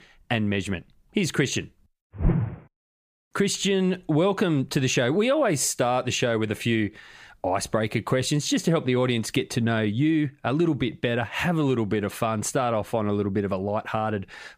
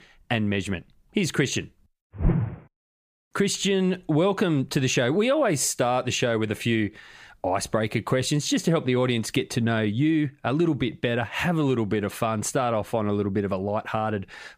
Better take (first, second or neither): neither